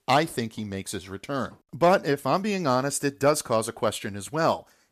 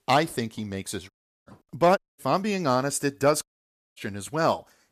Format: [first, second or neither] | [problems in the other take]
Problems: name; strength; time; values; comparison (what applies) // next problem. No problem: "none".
first | audio cutting out; at 1 s, at 2 s and at 3.5 s for 0.5 s